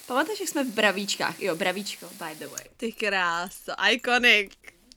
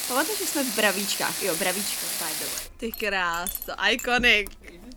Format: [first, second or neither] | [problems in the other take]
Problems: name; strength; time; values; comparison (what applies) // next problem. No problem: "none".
first | household noises; loud; throughout; 4 dB below the speech; faint in the first